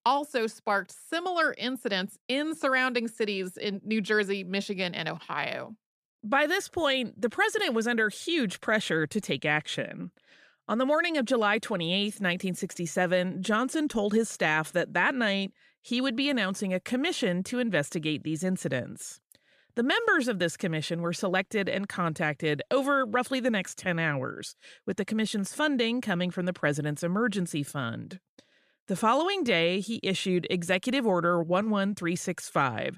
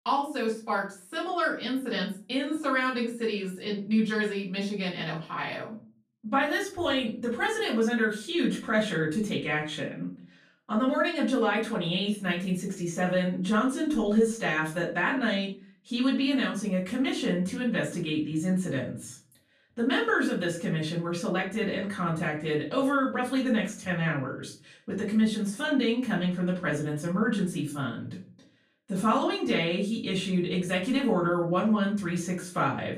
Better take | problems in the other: first | off-mic speech; far // room echo; slight; dies away in 0.4 s

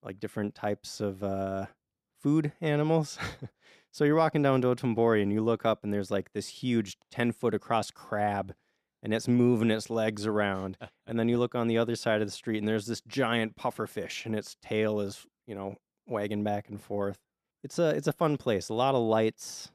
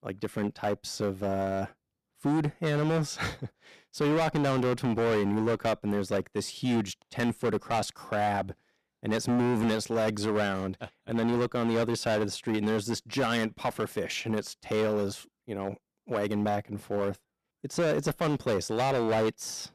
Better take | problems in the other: first | distortion; heavy; 14% of the sound clipped

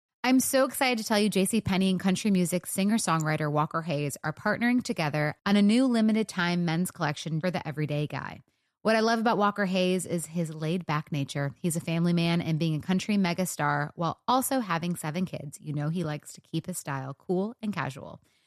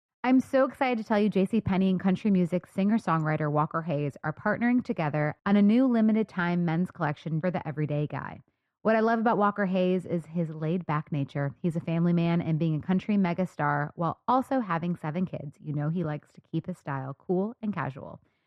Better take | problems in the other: first | muffled; very; fading above 4 kHz

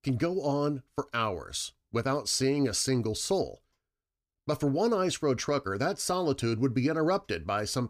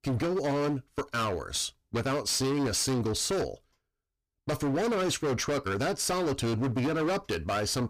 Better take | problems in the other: first | distortion; heavy; 26% of the sound clipped

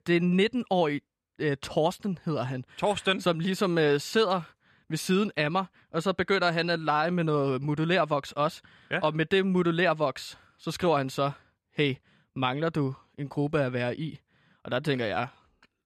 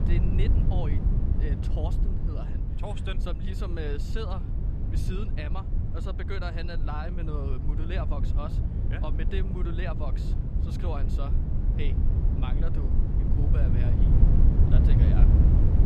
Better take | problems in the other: first | low rumble; loud; throughout; 1 dB below the speech

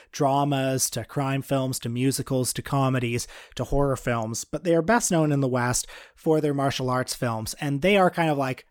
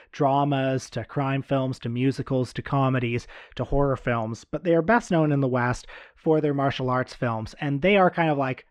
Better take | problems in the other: first | muffled; slightly; fading above 2.5 kHz

